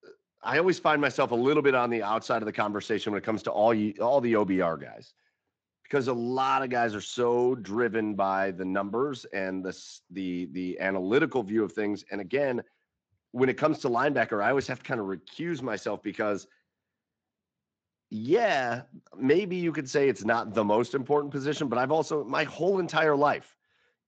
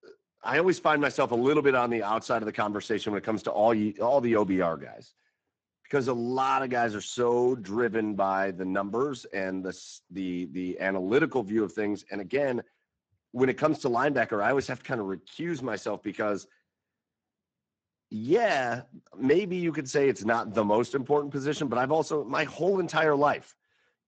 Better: first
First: garbled, watery; slightly; nothing above 7.5 kHz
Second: garbled, watery; badly; nothing above 7.5 kHz

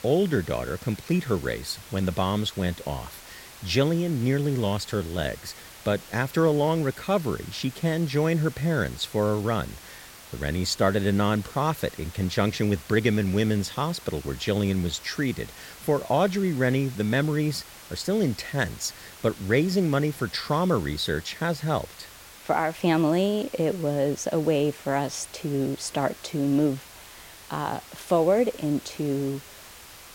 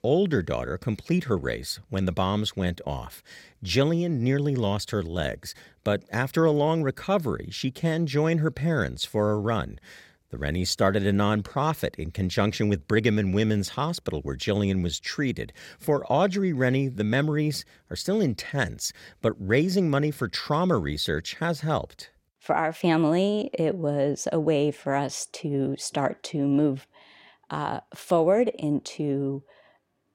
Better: second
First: hiss; noticeable; throughout; 20 dB below the speech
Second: none

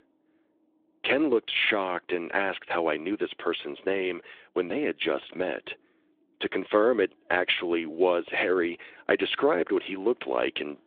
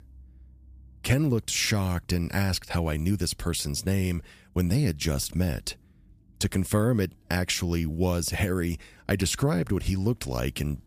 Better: second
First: phone-call audio; nothing above 3.5 kHz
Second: none

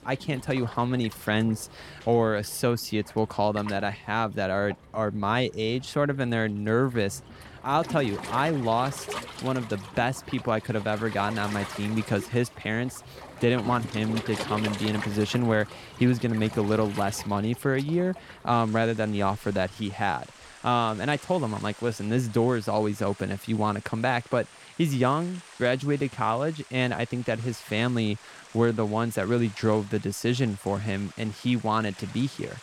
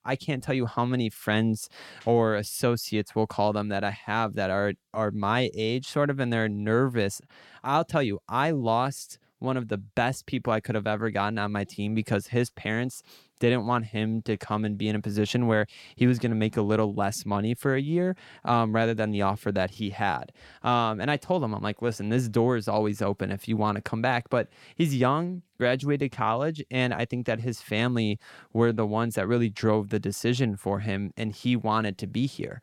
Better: second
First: rain or running water; noticeable; throughout; 15 dB below the speech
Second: none

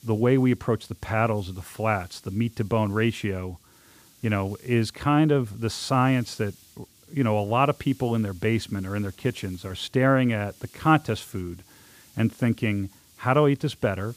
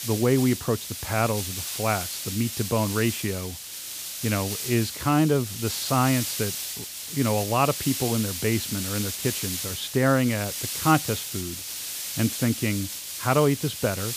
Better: first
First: hiss; faint; throughout; 25 dB below the speech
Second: hiss; loud; throughout; 5 dB below the speech

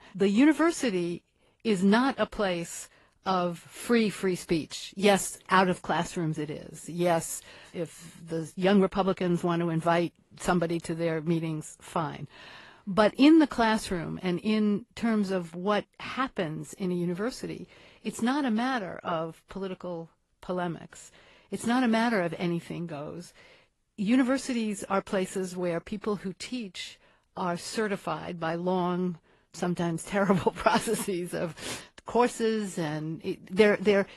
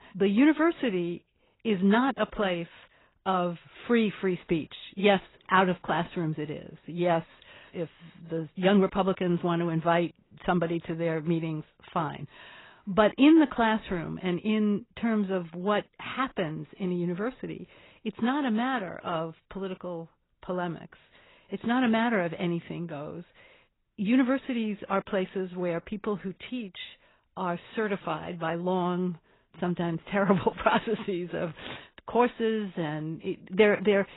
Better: first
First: garbled, watery; slightly; nothing above 11.5 kHz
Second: garbled, watery; badly; nothing above 4 kHz

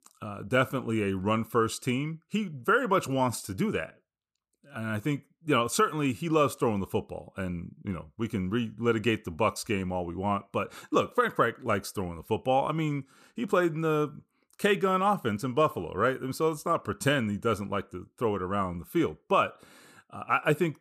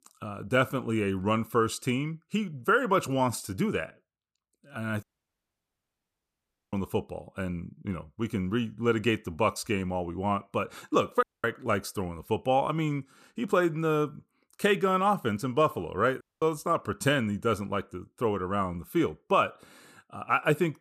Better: first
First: none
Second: audio cutting out; at 5 s for 1.5 s, at 11 s and at 16 s

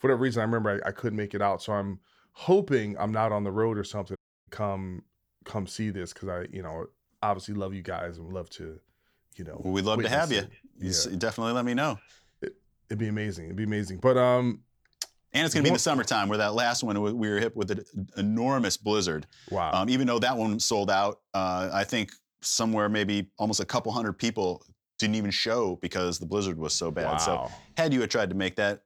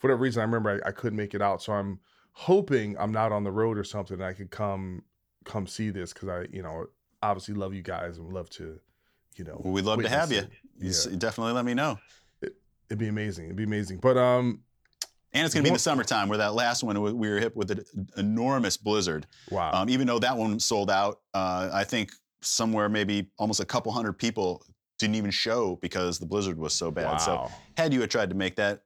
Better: second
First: audio cutting out; at 4 s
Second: none

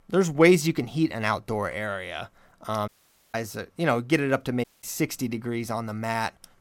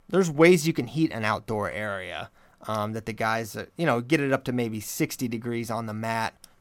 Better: second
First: audio cutting out; at 3 s and at 4.5 s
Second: none

